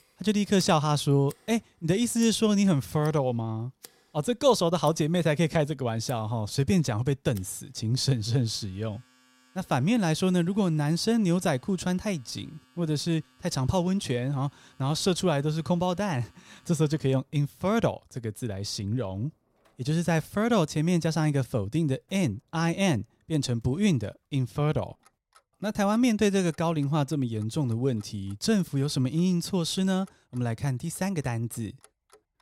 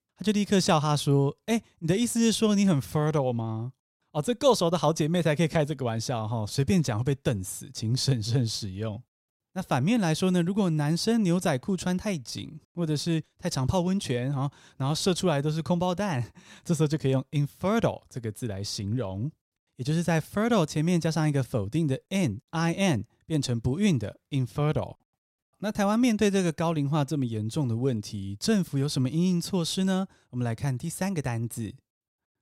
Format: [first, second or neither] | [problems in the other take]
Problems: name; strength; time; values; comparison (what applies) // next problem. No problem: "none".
second | household noises; faint; throughout; 30 dB below the speech